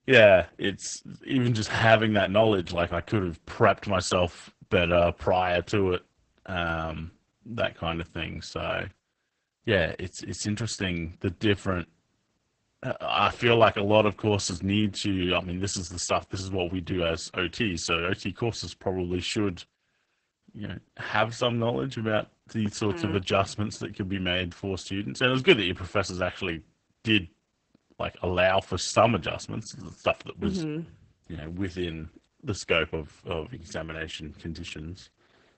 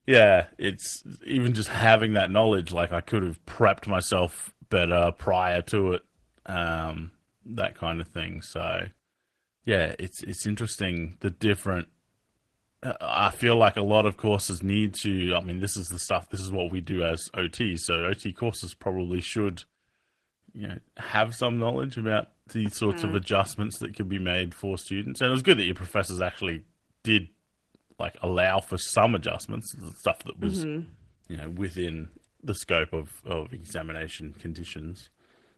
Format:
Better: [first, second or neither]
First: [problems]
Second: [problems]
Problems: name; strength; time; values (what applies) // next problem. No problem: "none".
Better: second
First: garbled, watery; badly; nothing above 8 kHz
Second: garbled, watery; slightly; nothing above 12 kHz